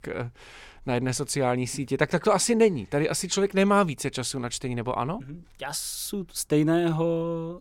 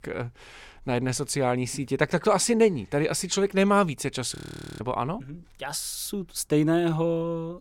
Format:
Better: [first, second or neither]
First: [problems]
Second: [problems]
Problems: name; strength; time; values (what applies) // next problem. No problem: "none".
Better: first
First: none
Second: audio freezing; at 4.5 s